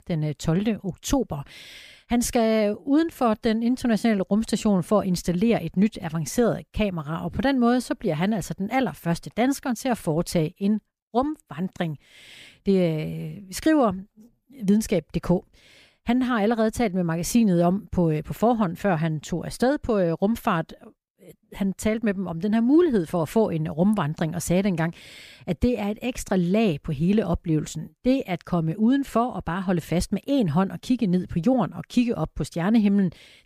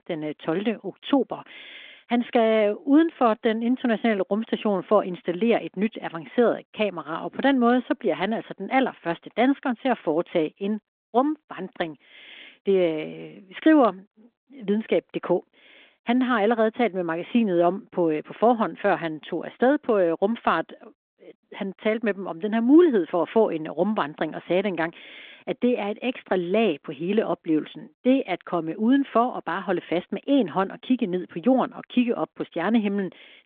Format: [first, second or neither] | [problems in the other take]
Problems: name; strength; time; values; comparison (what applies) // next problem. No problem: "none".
first | phone-call audio